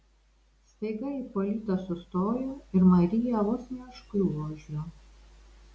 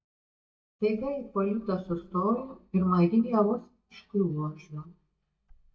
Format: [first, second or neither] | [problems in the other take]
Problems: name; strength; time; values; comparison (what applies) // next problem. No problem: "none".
first | noise reduction (neural mask model DeepFilterNet 3)